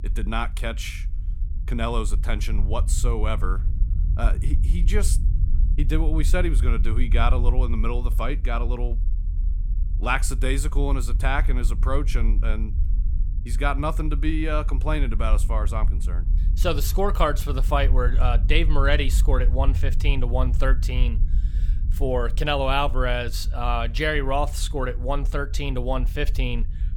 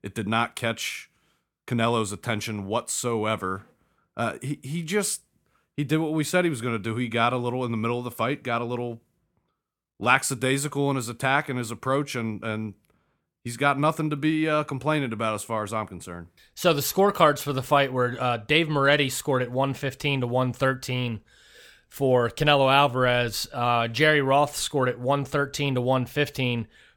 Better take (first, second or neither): second